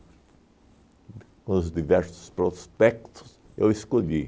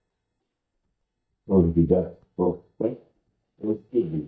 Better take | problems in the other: first | noise reduction (neural mask model DeepFilterNet 3)

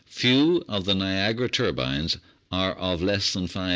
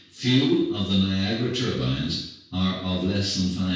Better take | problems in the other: first | room echo; dies away in 0.6 s

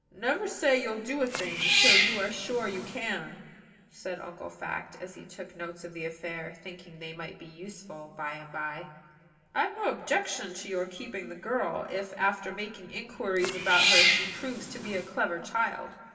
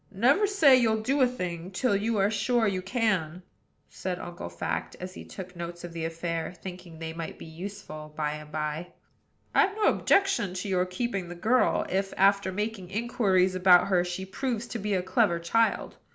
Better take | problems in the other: second | background sound (Cat); 4 dB above the speech // room echo; dies away in 2 s

